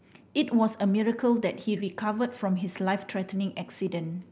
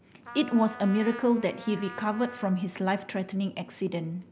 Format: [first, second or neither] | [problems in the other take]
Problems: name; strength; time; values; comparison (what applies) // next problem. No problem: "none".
first | background sound (Trumpet); 17 dB below the speech